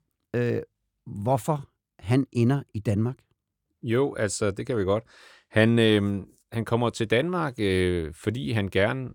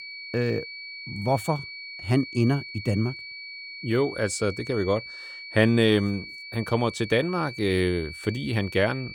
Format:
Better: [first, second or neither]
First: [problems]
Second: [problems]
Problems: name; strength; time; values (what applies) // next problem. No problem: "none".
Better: first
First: none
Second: high-pitched whine; noticeable; throughout; 2.5 kHz, 10 dB below the speech